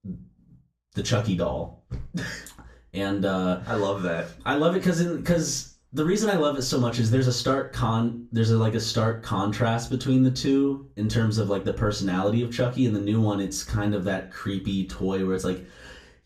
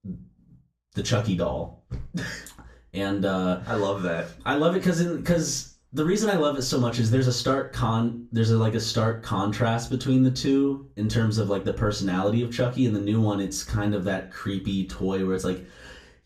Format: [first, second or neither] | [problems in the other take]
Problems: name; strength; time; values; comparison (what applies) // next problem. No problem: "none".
neither | room echo; very slight; dies away in 0.3 s; the same in both // off-mic speech; far; the same in both